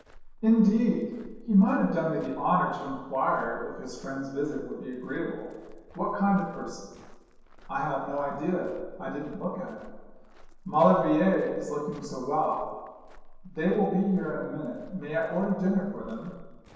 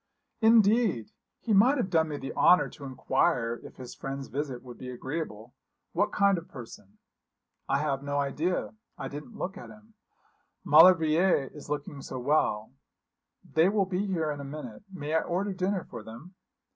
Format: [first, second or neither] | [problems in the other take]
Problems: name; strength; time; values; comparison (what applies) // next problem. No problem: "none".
second | background sound (Walk, footsteps); 19 dB below the speech // room echo; dies away in 1.2 s